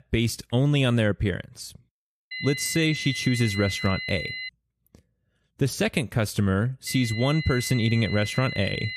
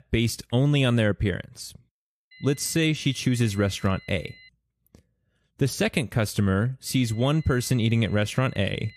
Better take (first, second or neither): second